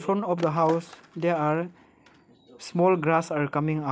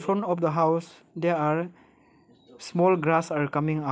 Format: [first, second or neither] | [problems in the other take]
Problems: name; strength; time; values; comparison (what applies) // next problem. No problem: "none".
second | background sound (Skateboard); 19 dB below the speech